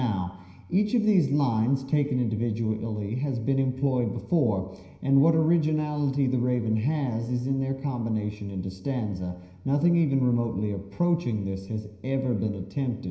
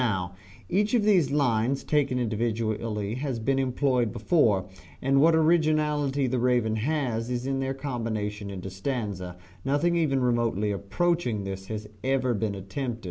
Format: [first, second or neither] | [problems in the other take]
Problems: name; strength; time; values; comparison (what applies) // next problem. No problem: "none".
second | room echo; dies away in 0.9 s